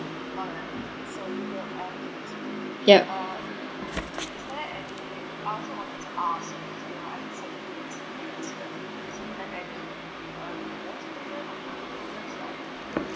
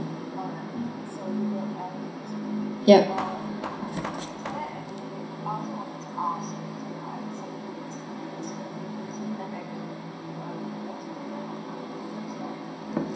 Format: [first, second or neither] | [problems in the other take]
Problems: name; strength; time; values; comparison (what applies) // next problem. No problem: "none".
first | background sound (Hammer); 9 dB below the speech // room echo; dies away in 0.5 s